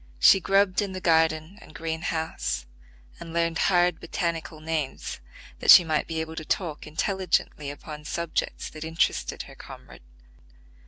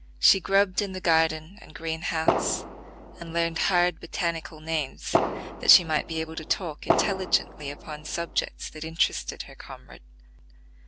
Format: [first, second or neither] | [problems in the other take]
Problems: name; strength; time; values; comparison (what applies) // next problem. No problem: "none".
first | background sound (Fireworks); 2 dB below the speech